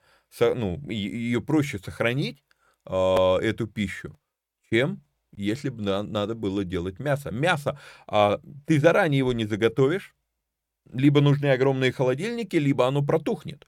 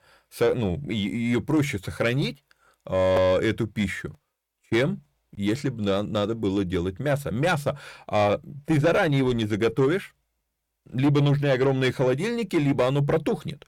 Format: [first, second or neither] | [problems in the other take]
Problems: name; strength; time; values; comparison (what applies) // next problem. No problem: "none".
first | distortion; slight; 10 dB below the speech